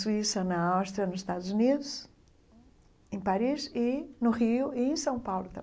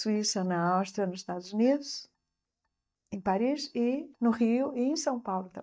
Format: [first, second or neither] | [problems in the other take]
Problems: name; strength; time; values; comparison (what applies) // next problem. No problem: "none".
first | noise reduction (neural mask model DeepFilterNet 3)